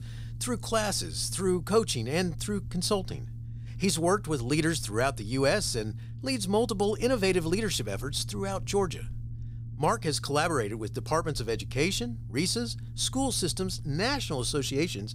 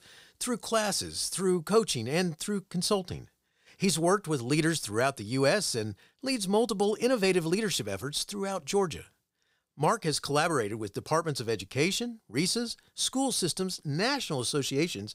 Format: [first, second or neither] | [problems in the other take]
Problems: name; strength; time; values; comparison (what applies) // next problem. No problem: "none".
second | low rumble; faint; throughout; 25 dB below the speech